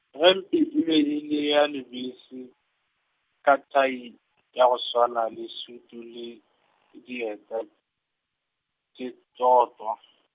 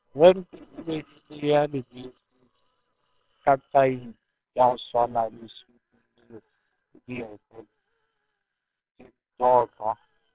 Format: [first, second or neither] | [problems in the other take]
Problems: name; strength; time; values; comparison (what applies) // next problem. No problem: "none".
first | noise reduction (neural separator model SepFormer WHAMR!)